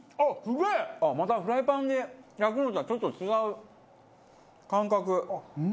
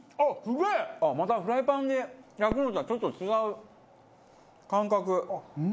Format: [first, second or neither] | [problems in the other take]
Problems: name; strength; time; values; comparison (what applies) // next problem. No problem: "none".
first | background sound (Fireworks); 20 dB below the speech